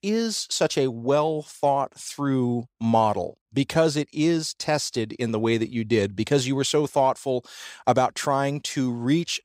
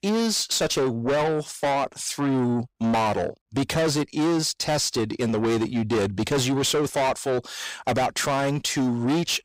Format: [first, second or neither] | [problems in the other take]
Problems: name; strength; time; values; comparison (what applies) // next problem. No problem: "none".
first | distortion; heavy; 6 dB below the speech